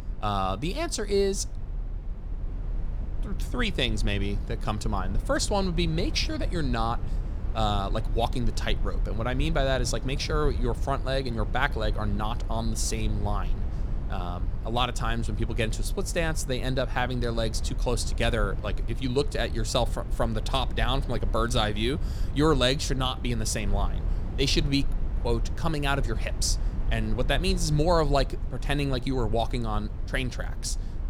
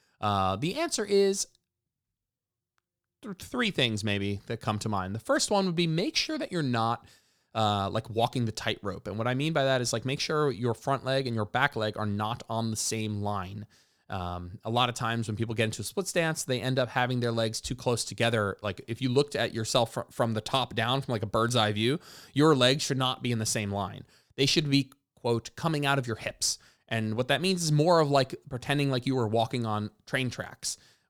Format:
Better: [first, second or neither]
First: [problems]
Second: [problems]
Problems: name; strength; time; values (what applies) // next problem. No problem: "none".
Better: second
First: low rumble; noticeable; throughout; 15 dB below the speech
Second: none